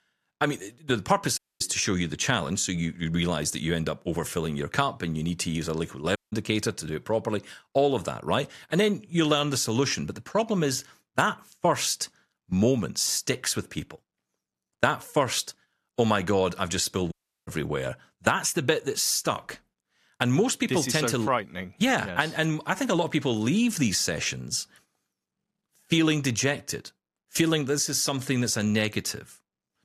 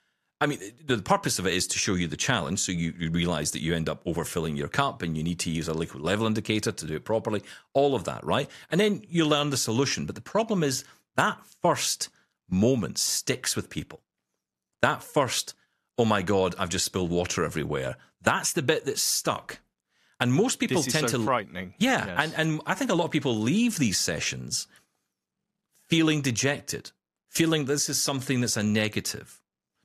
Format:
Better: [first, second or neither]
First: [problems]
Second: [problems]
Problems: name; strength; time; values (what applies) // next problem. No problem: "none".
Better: second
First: audio cutting out; at 1.5 s, at 6 s and at 17 s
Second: none